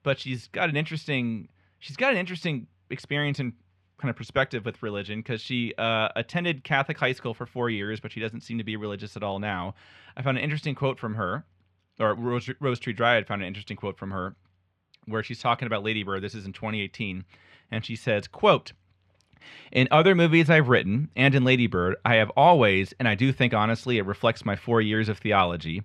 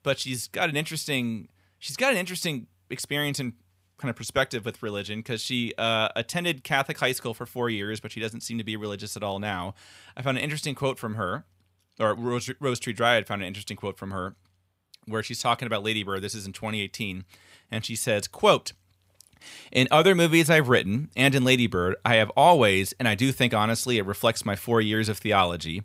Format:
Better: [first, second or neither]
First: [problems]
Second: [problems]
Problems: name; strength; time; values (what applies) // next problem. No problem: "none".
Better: second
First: muffled; slightly; fading above 2.5 kHz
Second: none